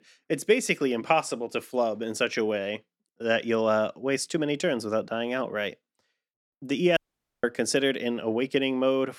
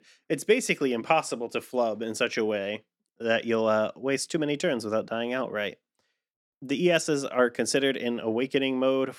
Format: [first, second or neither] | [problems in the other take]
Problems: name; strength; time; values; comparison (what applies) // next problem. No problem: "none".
second | audio cutting out; at 7 s